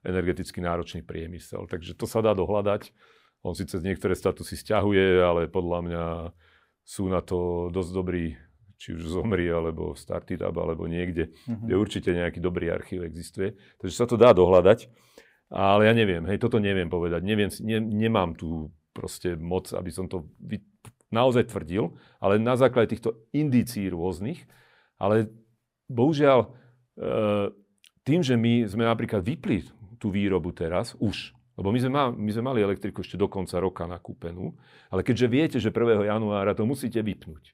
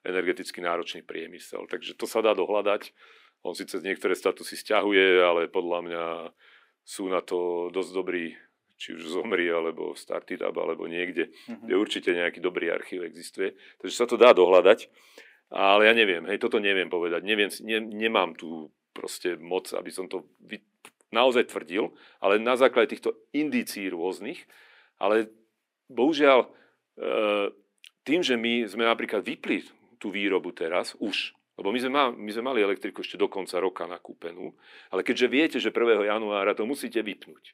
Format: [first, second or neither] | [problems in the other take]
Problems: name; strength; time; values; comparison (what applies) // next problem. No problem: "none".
first | thin; somewhat; fading below 300 Hz